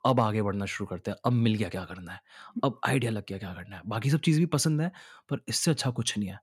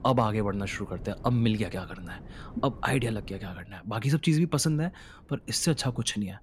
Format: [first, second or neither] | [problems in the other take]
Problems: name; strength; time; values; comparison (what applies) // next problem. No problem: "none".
first | wind noise on the microphone; occasional gusts; 25 dB below the speech